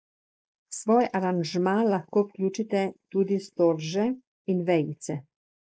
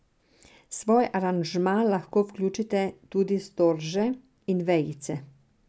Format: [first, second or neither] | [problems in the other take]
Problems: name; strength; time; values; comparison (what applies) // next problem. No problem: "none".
second | noise reduction (neural mask model Resemble Enhance denoiser)